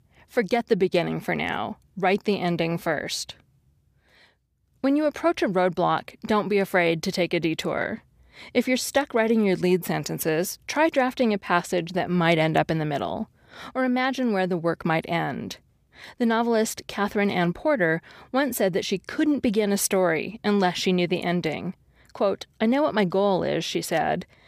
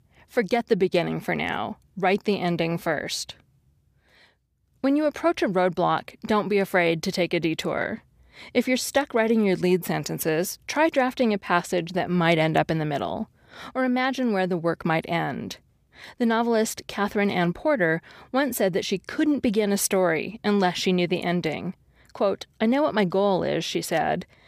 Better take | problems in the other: neither | none

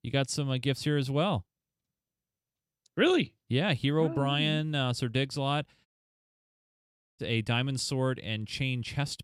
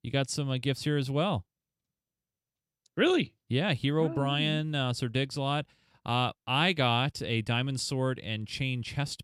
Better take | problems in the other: second | audio cutting out; at 6 s for 1.5 s

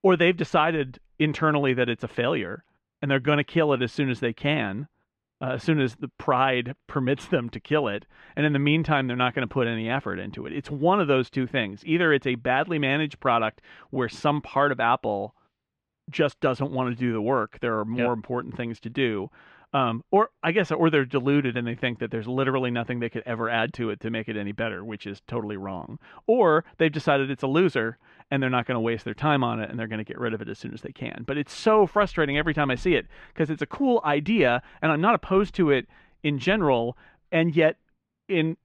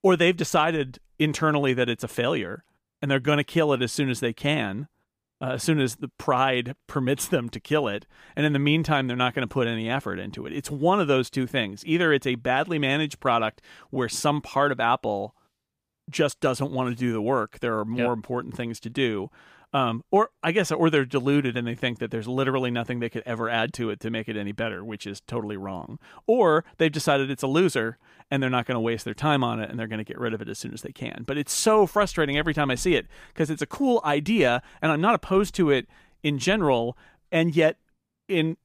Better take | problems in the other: second | muffled; slightly; fading above 2.5 kHz

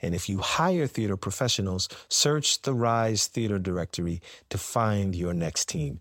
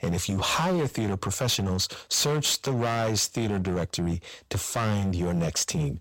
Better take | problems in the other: first | distortion; heavy; 17% of the sound clipped

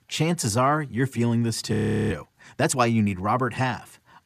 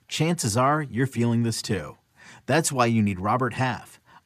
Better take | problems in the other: second | audio freezing; at 1.5 s

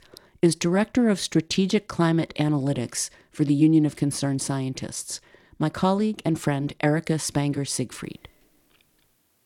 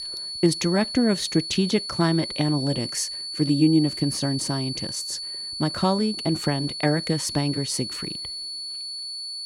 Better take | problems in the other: first | high-pitched whine; loud; throughout; 4.5 kHz, 6 dB below the speech

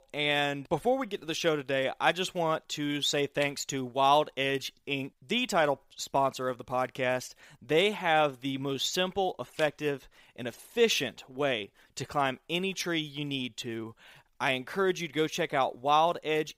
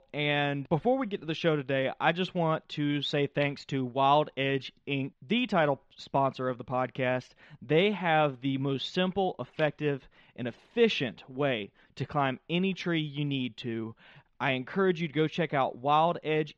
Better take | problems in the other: first | muffled; slightly; fading above 3.5 kHz

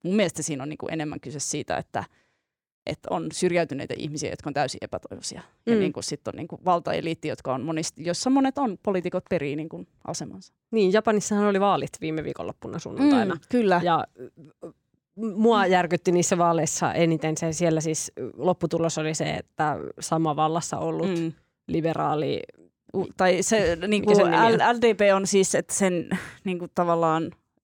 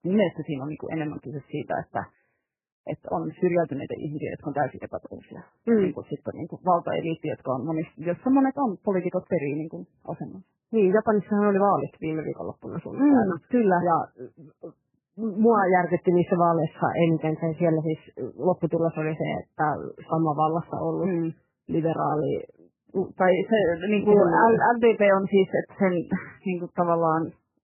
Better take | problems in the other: first | garbled, watery; badly; nothing above 3 kHz

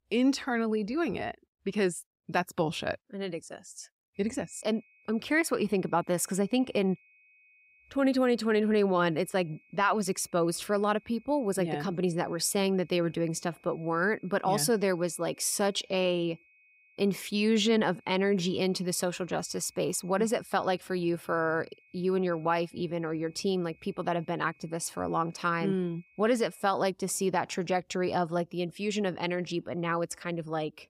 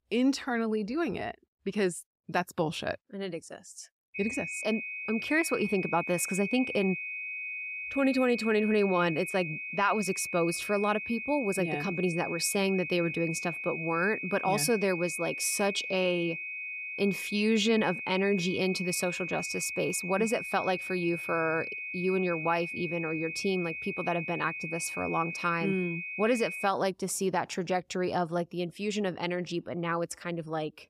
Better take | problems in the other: first | high-pitched whine; loud; from 4 to 27 s; 2.5 kHz, 5 dB below the speech; faint in the first

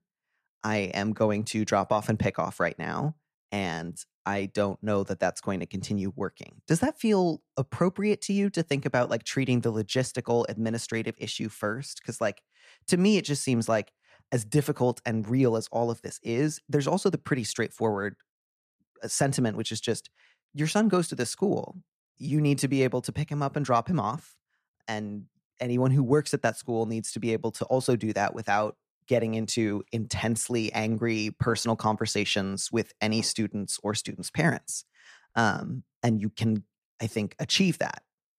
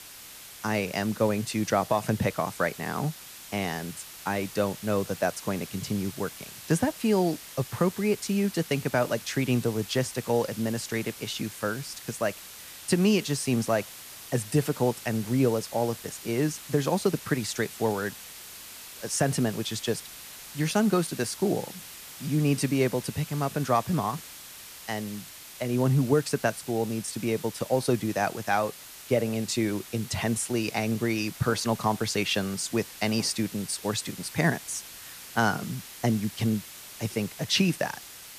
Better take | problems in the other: first | hiss; noticeable; throughout; 15 dB below the speech

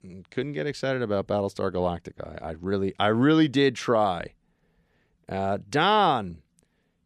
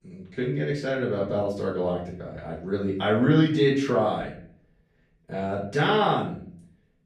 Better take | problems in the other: first | off-mic speech; far // room echo; noticeable; dies away in 0.5 s

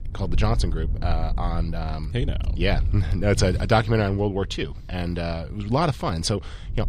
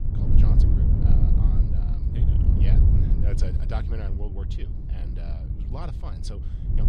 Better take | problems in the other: first | wind noise on the microphone; heavy; 5 dB above the speech; occasional gusts in the first

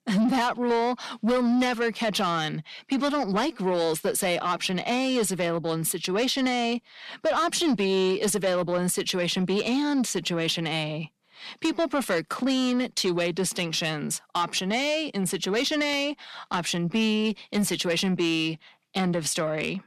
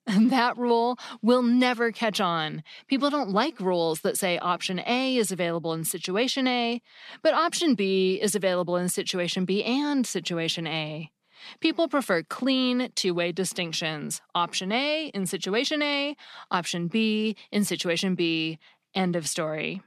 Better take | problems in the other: second | distortion; slight; 10 dB below the speech

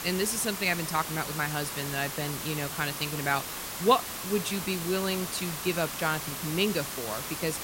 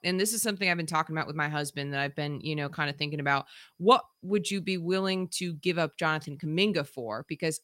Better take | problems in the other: second | hiss; loud; throughout; 4 dB below the speech

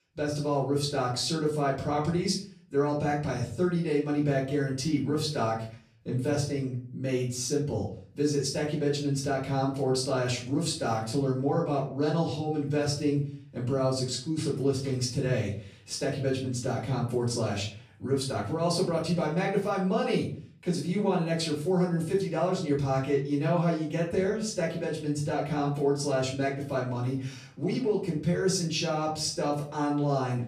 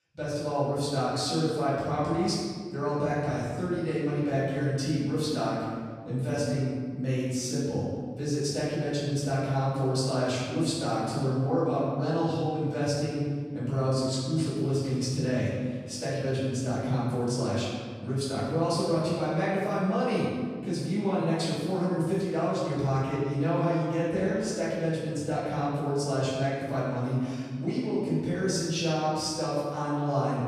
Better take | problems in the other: first | room echo; strong; dies away in 1.7 s; slight in the first // off-mic speech; far; far in the first

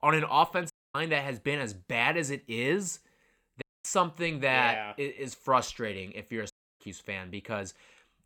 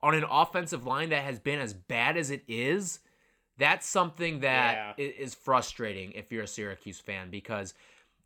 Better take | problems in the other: second | audio cutting out; at 0.5 s, at 3.5 s and at 6.5 s

